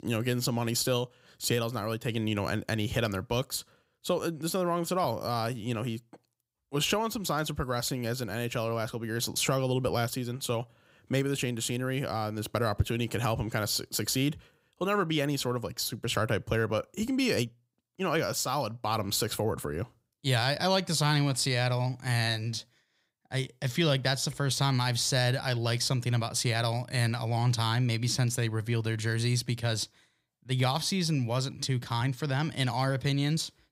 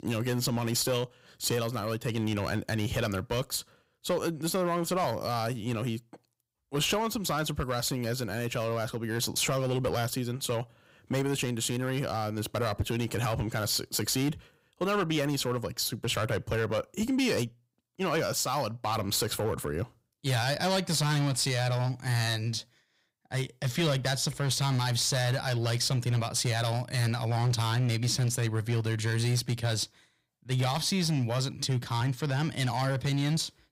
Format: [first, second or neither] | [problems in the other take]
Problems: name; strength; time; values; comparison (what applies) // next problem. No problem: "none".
first | distortion; slight; 8% of the sound clipped